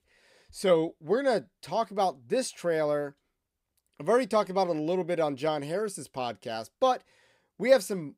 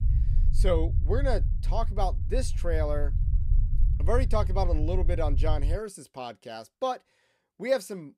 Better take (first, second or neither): first